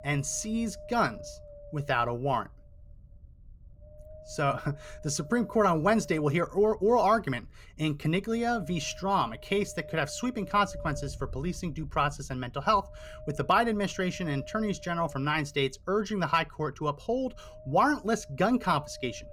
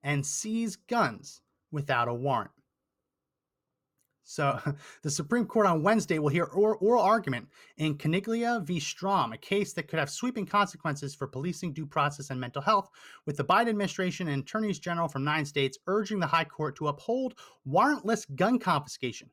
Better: second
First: wind noise on the microphone; occasional gusts; 20 dB below the speech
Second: none

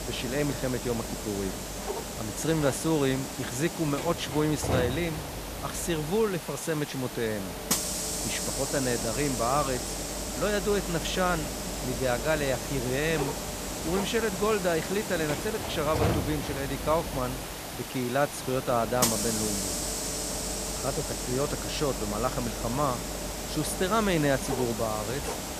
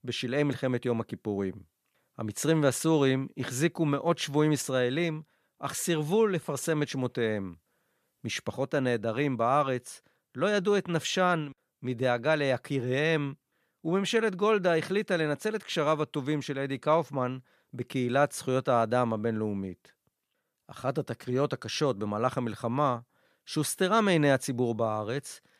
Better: second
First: hiss; loud; throughout; 3 dB below the speech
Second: none

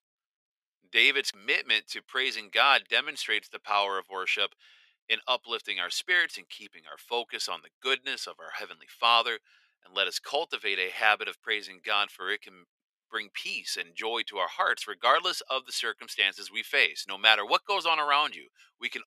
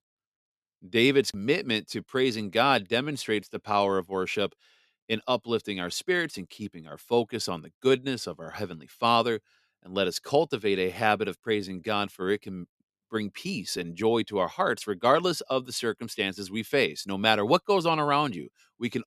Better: second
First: thin; very; fading below 700 Hz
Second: none

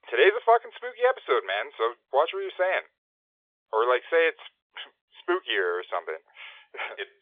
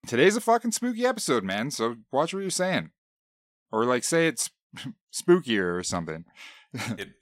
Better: second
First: phone-call audio; nothing above 3.5 kHz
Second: none

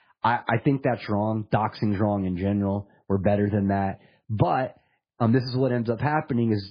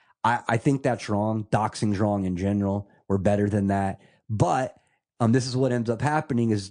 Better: second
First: garbled, watery; badly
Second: garbled, watery; slightly; nothing above 9.5 kHz

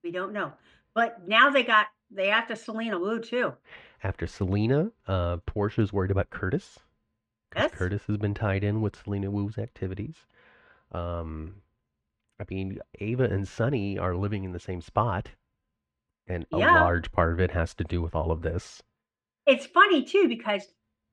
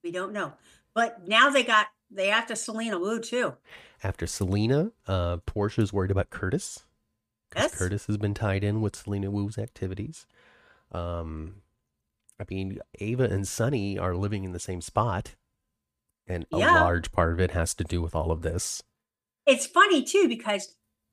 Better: second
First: muffled; slightly; fading above 2.5 kHz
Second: none

